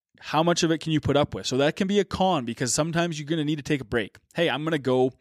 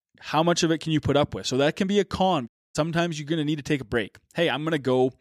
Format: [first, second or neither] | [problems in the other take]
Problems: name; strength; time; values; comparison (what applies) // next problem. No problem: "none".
first | audio cutting out; at 2.5 s